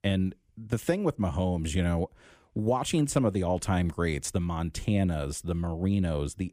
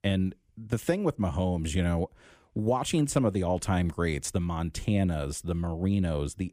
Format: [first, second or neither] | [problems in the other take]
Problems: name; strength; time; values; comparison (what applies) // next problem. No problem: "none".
neither | none